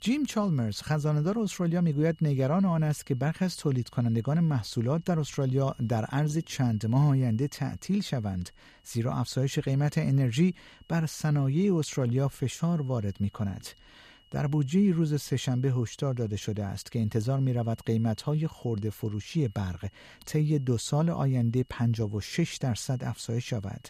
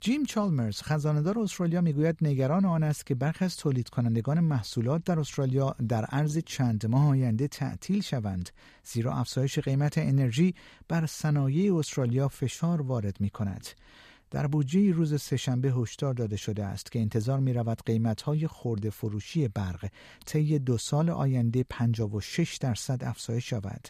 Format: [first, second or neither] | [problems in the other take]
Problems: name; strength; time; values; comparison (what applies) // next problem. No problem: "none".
second | high-pitched whine; faint; throughout; 3 kHz, 35 dB below the speech